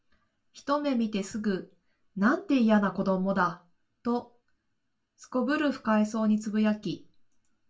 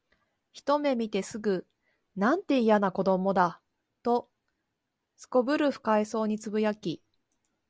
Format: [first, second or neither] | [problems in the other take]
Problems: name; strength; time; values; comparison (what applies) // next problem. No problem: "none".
second | room echo; dies away in 0.2 s